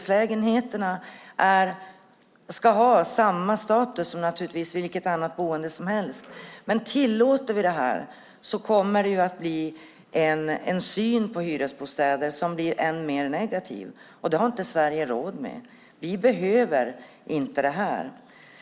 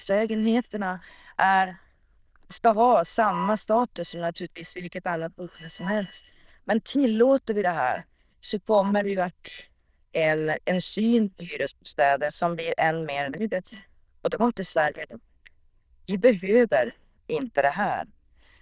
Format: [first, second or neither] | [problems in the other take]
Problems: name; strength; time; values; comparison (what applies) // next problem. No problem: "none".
first | noise reduction (neural diffusion model UNIVERSE++)